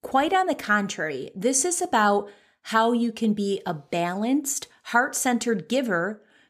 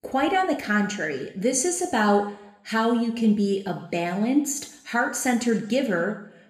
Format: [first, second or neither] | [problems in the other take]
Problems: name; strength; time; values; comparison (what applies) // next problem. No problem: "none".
first | room echo; slight; dies away in 0.7 s